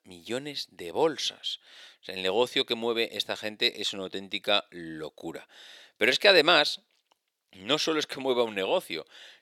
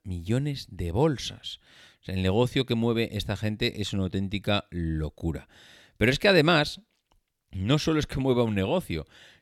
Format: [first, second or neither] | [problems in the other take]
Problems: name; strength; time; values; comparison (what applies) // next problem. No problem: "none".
second | thin; somewhat; fading below 500 Hz